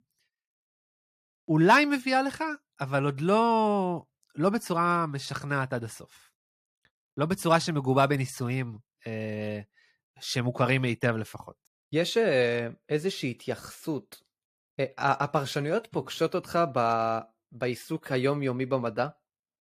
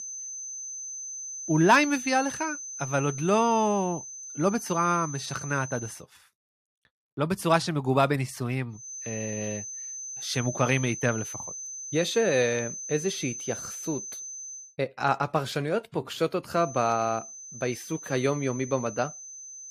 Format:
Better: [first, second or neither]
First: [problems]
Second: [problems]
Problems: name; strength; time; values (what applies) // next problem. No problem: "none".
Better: first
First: none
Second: high-pitched whine; loud; until 6 s, from 9 to 15 s and from 17 s on; 6 kHz, 9 dB below the speech